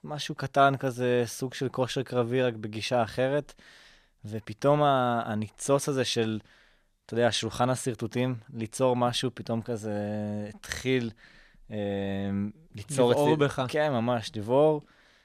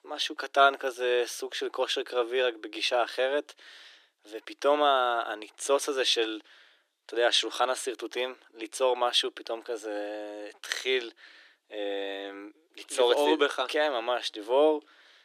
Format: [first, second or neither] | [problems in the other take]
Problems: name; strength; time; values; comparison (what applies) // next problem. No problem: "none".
first | thin; very; fading below 300 Hz